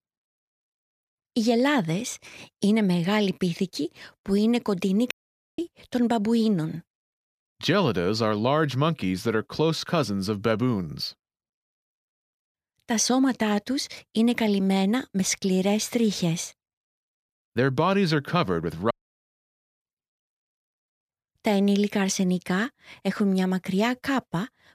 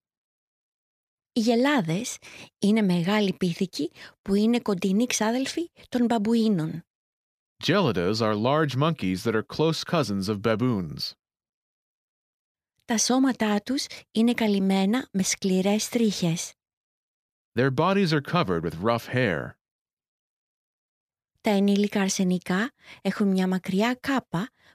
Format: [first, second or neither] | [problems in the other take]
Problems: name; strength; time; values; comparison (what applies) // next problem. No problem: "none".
second | audio cutting out; at 5 s and at 19 s for 1 s